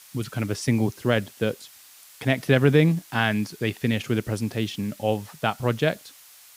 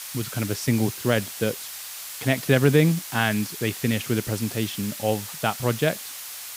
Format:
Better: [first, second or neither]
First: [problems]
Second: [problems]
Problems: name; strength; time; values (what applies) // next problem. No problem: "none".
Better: first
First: hiss; faint; throughout; 20 dB below the speech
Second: hiss; loud; throughout; 9 dB below the speech